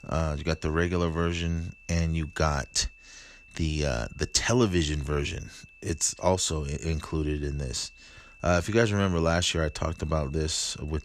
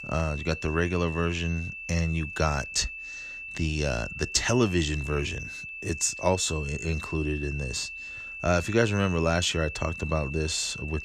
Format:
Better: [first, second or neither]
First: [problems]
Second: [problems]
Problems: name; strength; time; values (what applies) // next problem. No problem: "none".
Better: first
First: high-pitched whine; faint; throughout; 2.5 kHz, 25 dB below the speech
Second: high-pitched whine; loud; throughout; 2.5 kHz, 9 dB below the speech